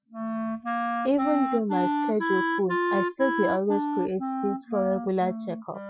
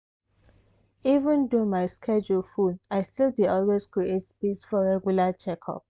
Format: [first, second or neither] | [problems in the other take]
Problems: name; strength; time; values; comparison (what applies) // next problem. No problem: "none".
second | noise reduction (classical method Wiener filter)